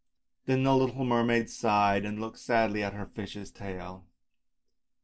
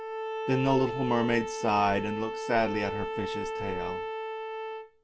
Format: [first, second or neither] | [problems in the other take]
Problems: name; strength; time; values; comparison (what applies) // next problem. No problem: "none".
first | background sound (Bowed string instrument); 4 dB below the speech